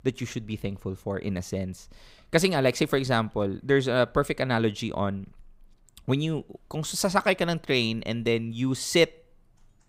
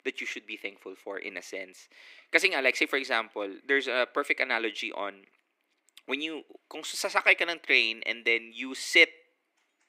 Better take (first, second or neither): first